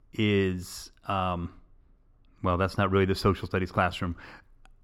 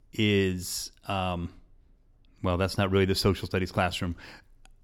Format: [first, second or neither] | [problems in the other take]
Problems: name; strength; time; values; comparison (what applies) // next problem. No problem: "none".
second | muffled; slightly; fading above 3 kHz